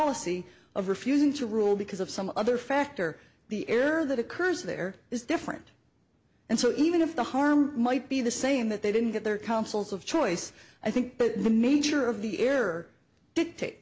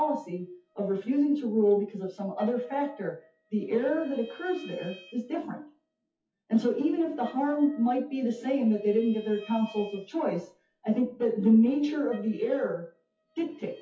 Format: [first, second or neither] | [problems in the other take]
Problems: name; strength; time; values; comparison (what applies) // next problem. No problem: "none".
first | noise reduction (classical method WPE with log-MMSE)